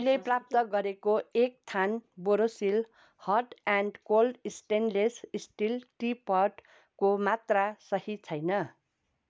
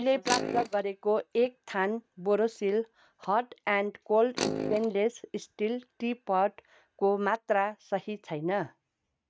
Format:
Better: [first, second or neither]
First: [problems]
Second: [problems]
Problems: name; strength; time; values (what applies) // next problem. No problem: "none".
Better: first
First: none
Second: noise reduction (neural mask model RNNoise)